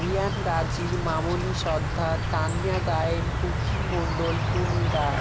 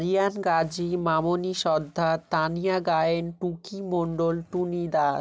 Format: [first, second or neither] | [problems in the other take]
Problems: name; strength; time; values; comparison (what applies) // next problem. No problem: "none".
second | background sound (Insect); 3 dB above the speech